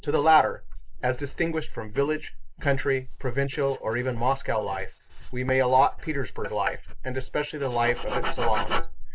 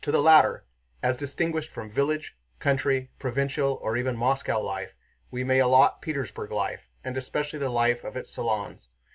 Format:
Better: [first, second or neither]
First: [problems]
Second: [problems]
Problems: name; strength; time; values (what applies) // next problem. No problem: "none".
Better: second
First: noise reduction (neural mask model Resemble Enhance denoiser)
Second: none